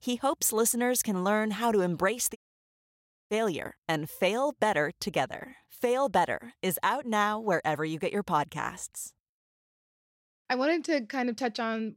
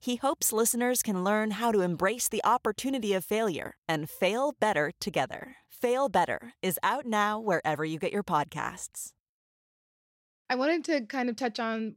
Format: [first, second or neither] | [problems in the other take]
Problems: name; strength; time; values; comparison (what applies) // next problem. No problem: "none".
second | audio cutting out; at 2.5 s for 1 s